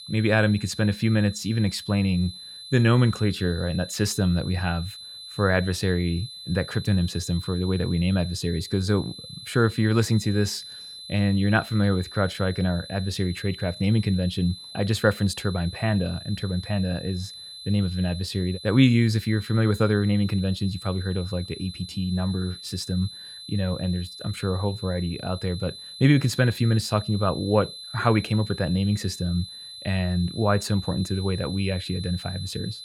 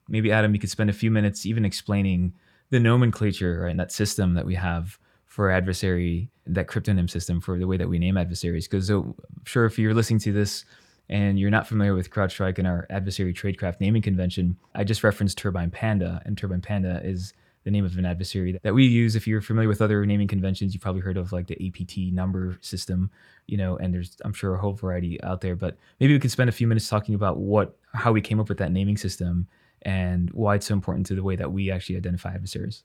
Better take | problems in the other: second | high-pitched whine; noticeable; throughout; 4 kHz, 15 dB below the speech

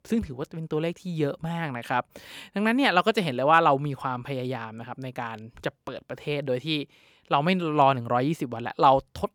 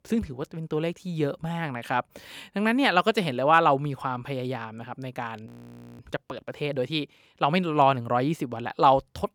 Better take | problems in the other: first | audio freezing; at 5.5 s for 0.5 s

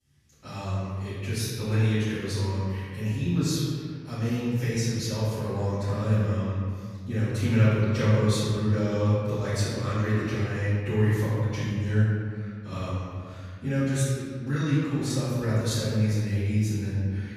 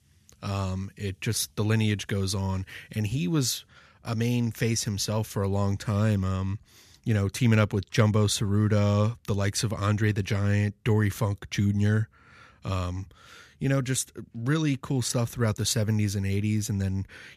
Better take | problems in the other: second | off-mic speech; far // room echo; strong; dies away in 1.9 s

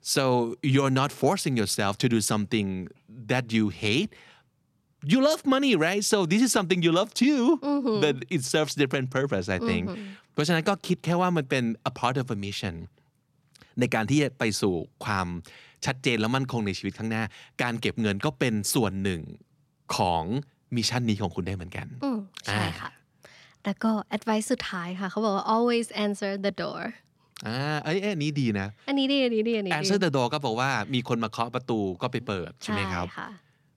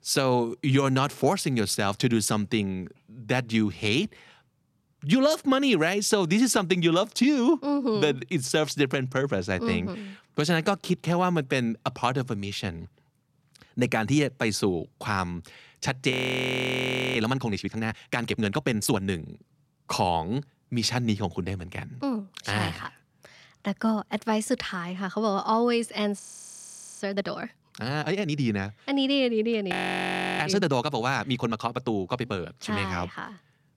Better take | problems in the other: first | audio freezing; at 16 s for 1 s, at 26 s for 1 s and at 30 s for 0.5 s

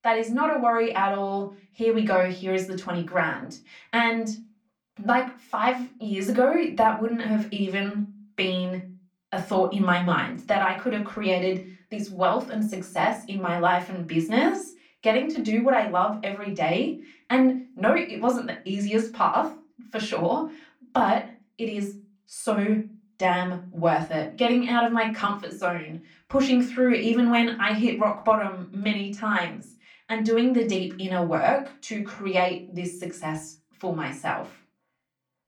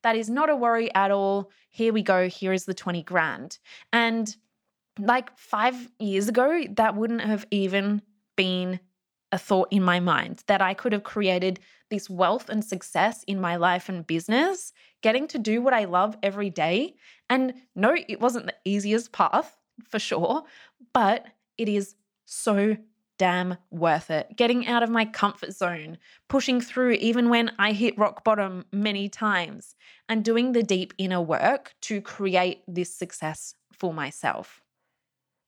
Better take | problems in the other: second | off-mic speech; far // room echo; very slight; dies away in 0.3 s

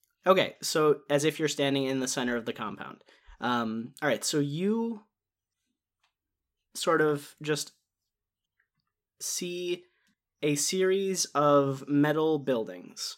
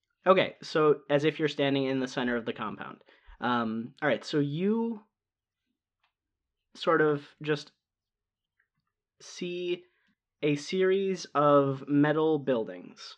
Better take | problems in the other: first | muffled; slightly; fading above 3.5 kHz

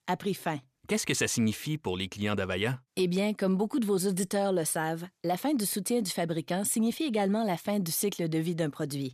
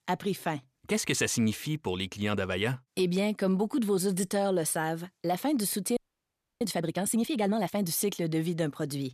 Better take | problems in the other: first | audio freezing; at 6 s for 0.5 s

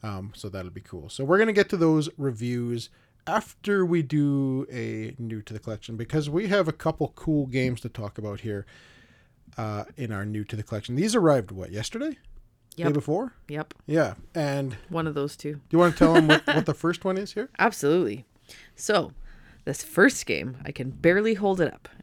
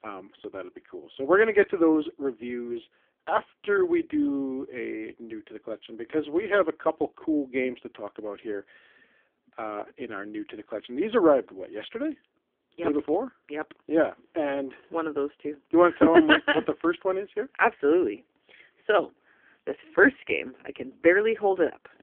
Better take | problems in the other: first | phone-call audio; poor line

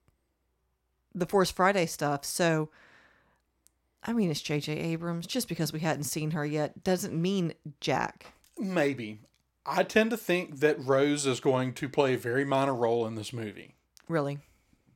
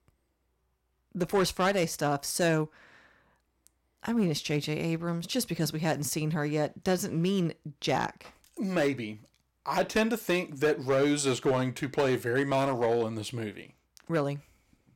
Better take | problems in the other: first | distortion; slight; 3% of the sound clipped

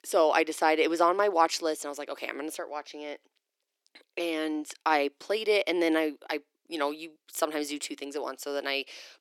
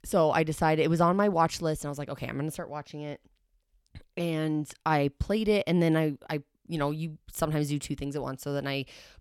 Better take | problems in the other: second | thin; very; fading below 300 Hz

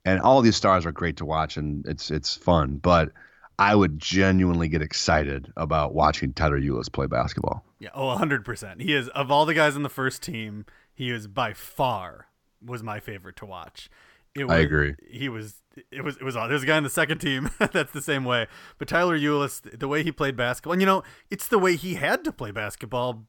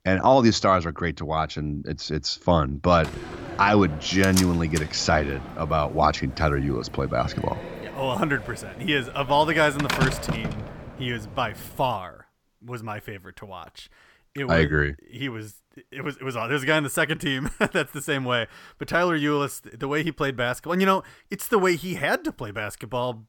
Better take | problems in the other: first | door banging; noticeable; from 3 to 11 s; peak level with the speech

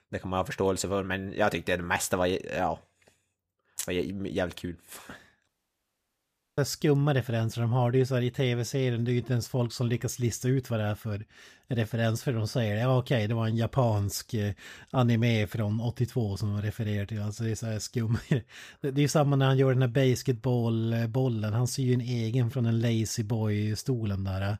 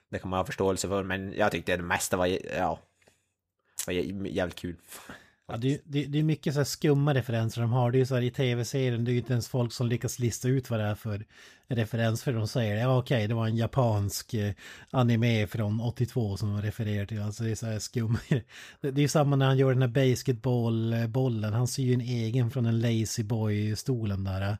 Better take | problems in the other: second | audio cutting out; at 5.5 s for 1 s

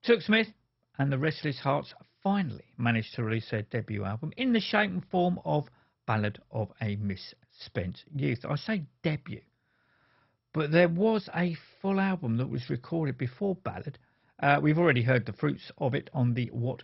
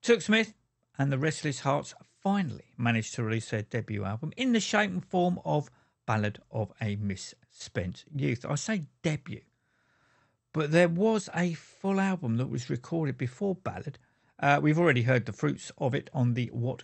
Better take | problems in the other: second | garbled, watery; badly; nothing above 5.5 kHz; slightly in the second

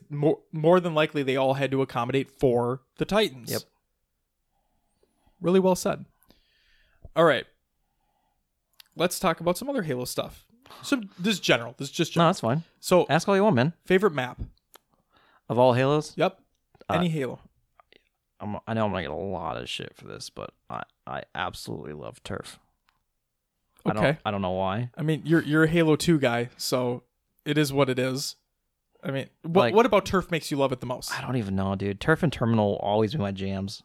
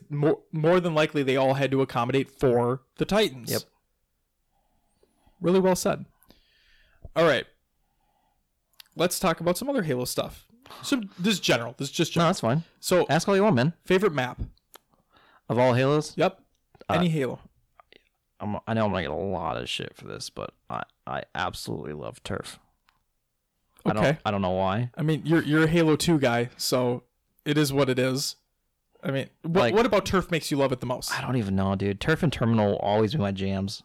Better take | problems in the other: first | distortion; slight; 10 dB below the speech

